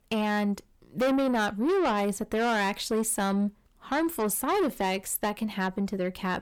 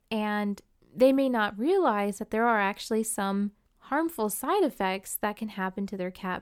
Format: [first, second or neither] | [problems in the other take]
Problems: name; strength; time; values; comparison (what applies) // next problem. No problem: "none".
second | distortion; heavy; 7 dB below the speech